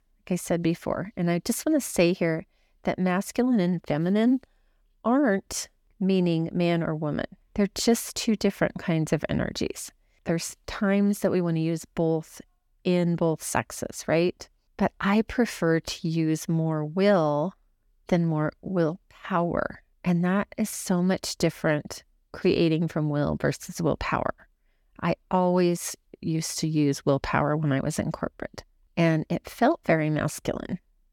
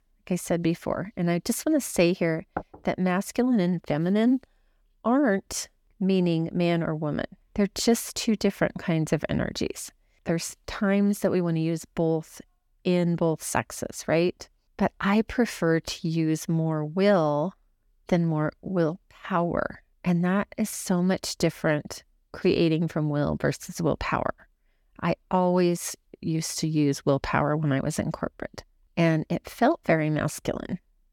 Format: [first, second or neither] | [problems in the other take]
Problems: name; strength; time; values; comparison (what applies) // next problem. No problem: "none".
first | door banging; faint; at 2.5 s; peak 10 dB below the speech